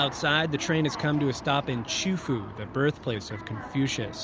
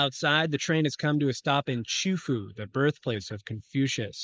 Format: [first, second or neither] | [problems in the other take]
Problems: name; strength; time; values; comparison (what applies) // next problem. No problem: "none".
first | noise reduction (neural mask model Resemble Enhance denoiser)